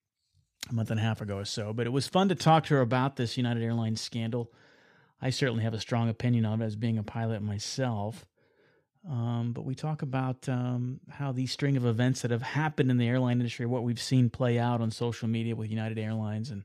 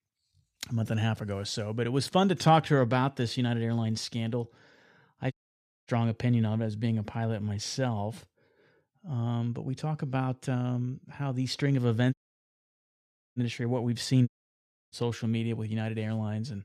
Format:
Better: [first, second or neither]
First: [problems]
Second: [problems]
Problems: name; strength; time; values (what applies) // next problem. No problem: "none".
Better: first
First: none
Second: audio cutting out; at 5.5 s for 0.5 s, at 12 s for 1 s and at 14 s for 0.5 s